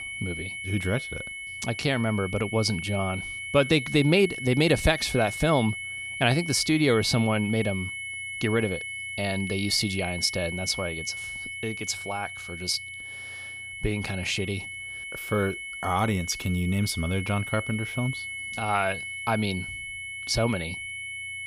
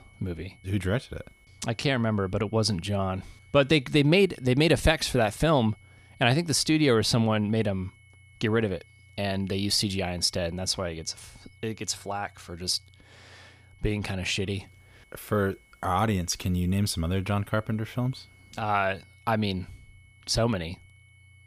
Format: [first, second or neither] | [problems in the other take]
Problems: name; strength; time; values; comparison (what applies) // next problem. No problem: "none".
second | high-pitched whine; loud; throughout; 2 kHz, 7 dB below the speech; faint in the second